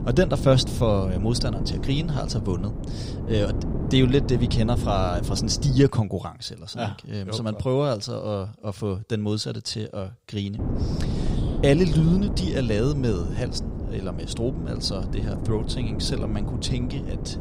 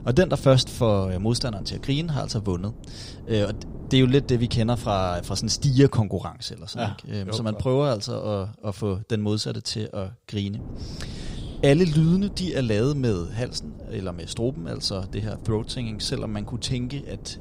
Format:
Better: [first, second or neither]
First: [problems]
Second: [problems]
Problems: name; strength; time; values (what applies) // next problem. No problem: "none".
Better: second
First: wind noise on the microphone; heavy; until 6 s and from 11 s on; 9 dB below the speech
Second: wind noise on the microphone; occasional gusts; until 6 s and from 11 s on; 20 dB below the speech